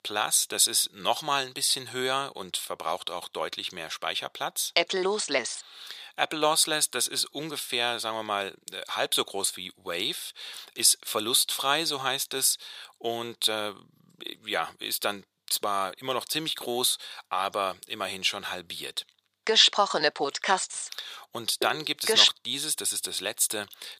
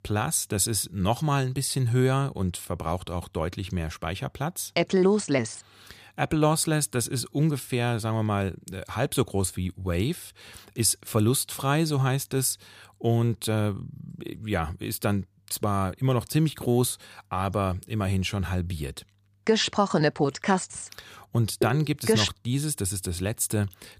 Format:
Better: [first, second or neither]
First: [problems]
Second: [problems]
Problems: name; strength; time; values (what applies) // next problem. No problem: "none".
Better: second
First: thin; very; fading below 600 Hz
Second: none